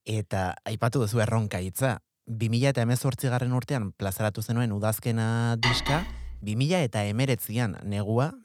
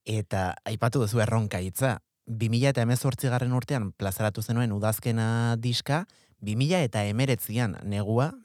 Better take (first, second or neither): second